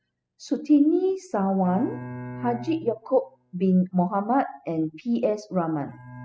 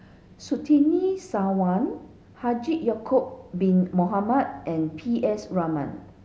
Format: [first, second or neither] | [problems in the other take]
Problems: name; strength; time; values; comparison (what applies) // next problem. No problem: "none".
second | noise reduction (classical method spectral subtraction)